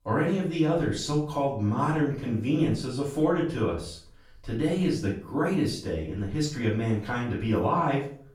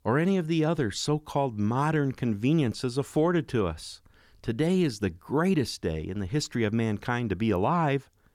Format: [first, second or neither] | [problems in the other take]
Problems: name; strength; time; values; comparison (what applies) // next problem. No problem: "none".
second | room echo; noticeable; dies away in 0.4 s // off-mic speech; far